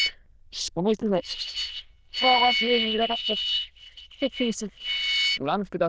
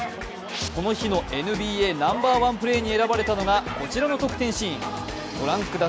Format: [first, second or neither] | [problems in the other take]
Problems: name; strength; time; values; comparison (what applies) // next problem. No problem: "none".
second | noise reduction (neural diffusion model UNIVERSE++)